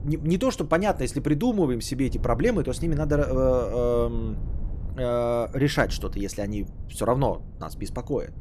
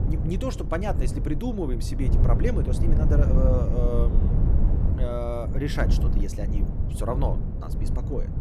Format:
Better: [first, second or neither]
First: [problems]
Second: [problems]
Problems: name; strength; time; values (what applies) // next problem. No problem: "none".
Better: first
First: low rumble; faint; throughout; 25 dB below the speech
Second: low rumble; loud; throughout; 6 dB below the speech